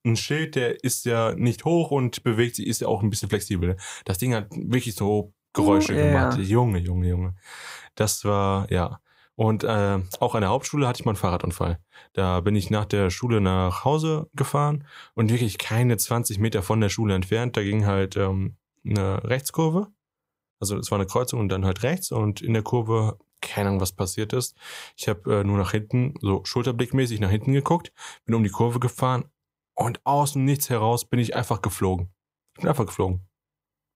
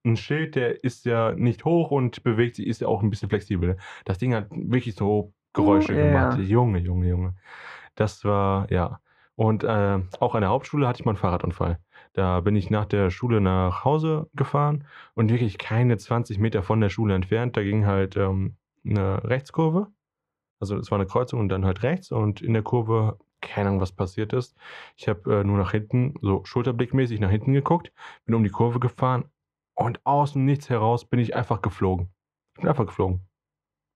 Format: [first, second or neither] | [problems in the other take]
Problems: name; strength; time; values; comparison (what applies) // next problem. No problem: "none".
first | muffled; very; fading above 2.5 kHz